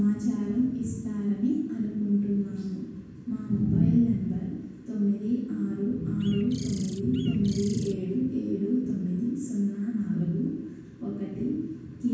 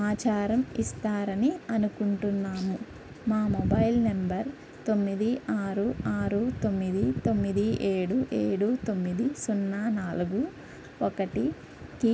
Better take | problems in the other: second | background sound (Bird); 18 dB below the speech // room echo; dies away in 1.2 s

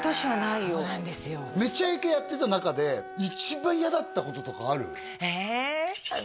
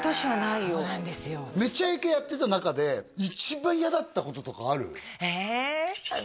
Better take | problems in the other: second | background sound (Wind instrument, woodwind instrument); 14 dB below the speech

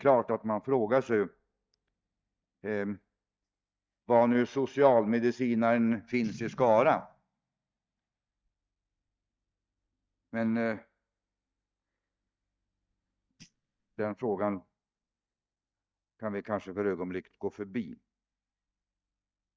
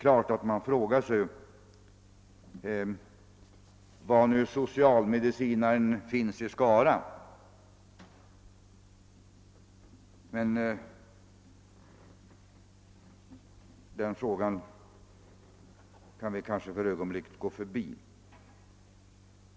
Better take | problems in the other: second | noise reduction (neural mask model DeepFilterNet 3)

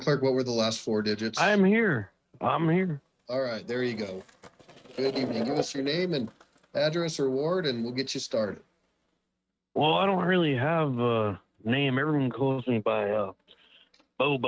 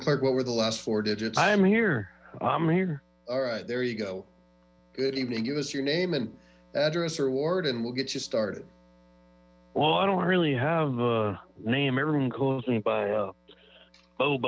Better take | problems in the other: second | noise reduction (neural mask model RNNoise)

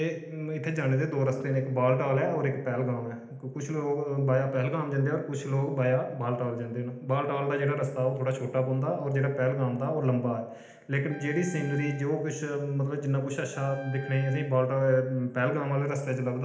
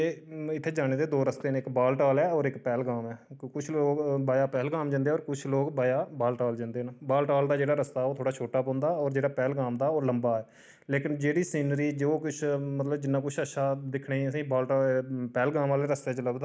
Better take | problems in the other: second | background sound (Wind instrument, woodwind instrument); 20 dB below the speech // room echo; dies away in 0.9 s

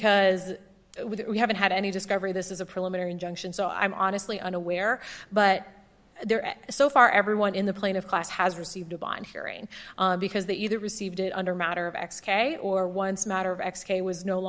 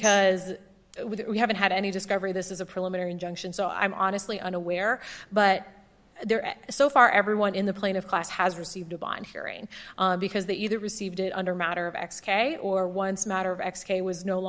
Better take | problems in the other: first | background sound (Tambourine); 12 dB below the speech

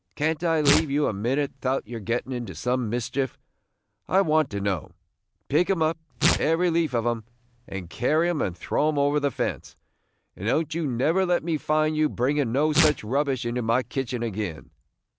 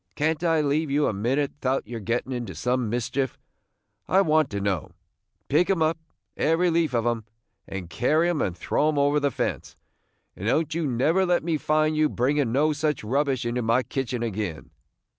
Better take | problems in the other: second | background sound (Tearing); 6 dB below the speech

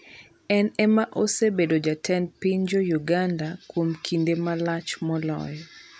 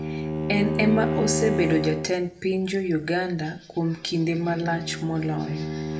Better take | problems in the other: first | background sound (Bowed string instrument); 4 dB below the speech // room echo; dies away in 0.5 s

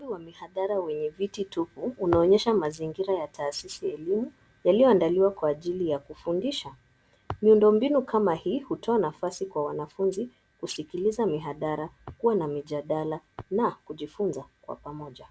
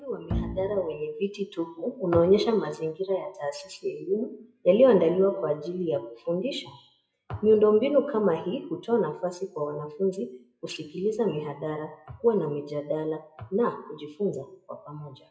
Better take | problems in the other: first | noise reduction (classical method WPE with log-MMSE)

